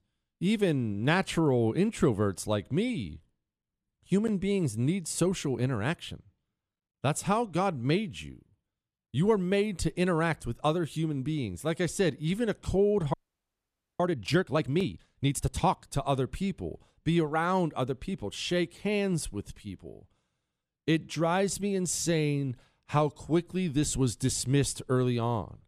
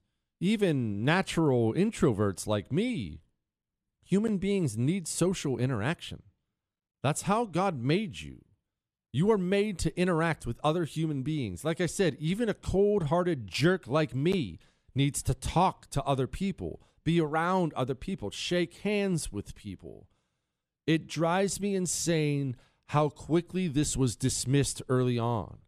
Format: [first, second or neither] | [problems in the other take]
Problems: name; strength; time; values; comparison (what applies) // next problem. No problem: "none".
second | audio freezing; at 13 s for 1 s